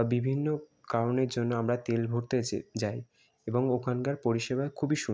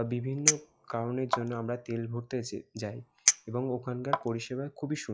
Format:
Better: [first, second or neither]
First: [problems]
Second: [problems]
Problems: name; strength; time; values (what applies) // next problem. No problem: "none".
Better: first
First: none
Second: noise reduction (classical method log-MMSE)